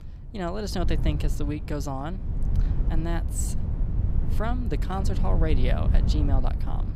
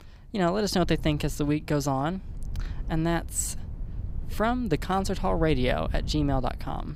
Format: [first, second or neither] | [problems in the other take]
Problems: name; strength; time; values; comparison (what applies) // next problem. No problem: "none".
second | wind noise on the microphone; heavy; 8 dB below the speech; occasional gusts in the second